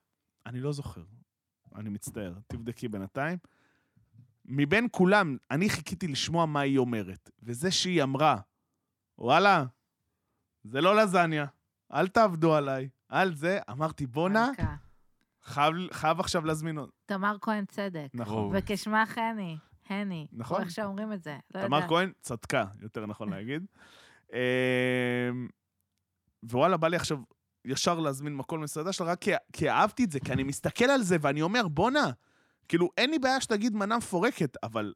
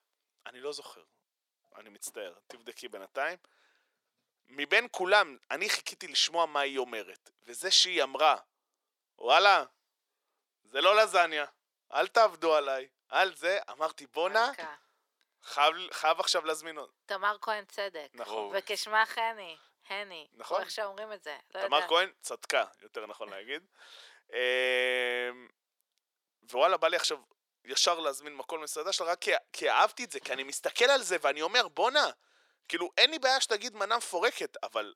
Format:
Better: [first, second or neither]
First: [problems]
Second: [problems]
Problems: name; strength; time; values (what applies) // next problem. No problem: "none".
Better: first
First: none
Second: thin; very; fading below 450 Hz